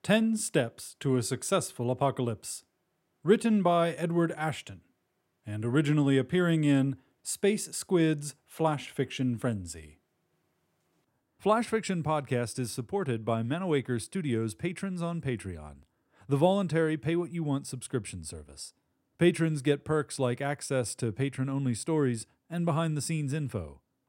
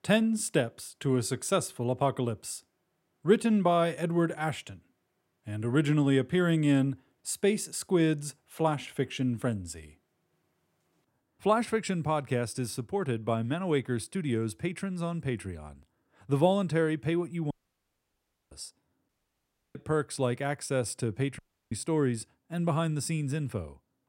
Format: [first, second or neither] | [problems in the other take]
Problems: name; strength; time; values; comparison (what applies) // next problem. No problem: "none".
first | audio cutting out; at 18 s for 1 s, at 19 s for 0.5 s and at 21 s